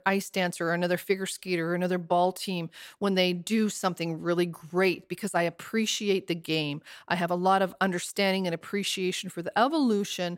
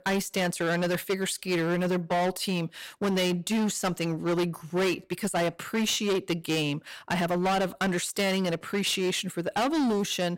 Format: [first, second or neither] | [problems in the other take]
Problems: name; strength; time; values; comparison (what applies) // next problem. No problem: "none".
first | distortion; heavy; 19% of the sound clipped